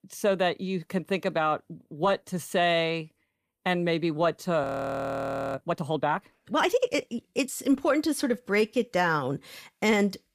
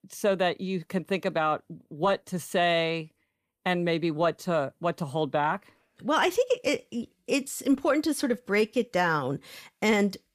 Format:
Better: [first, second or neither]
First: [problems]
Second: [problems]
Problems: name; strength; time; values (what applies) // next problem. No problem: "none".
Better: second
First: audio freezing; at 4.5 s for 1 s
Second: none